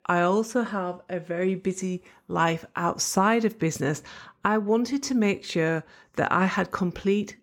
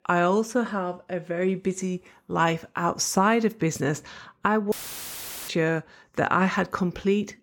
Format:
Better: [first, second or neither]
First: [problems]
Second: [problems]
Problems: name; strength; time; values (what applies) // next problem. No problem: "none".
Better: first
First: none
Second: audio cutting out; filled with static; at 4.5 s for 1 s